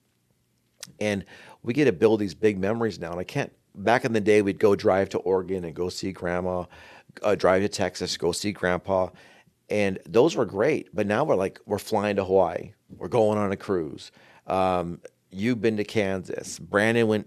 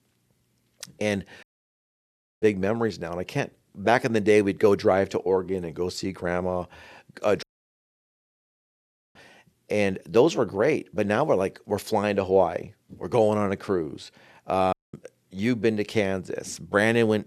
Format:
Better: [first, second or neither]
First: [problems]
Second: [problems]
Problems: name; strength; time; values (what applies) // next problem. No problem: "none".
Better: first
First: none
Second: audio cutting out; at 1.5 s for 1 s, at 7.5 s for 1.5 s and at 15 s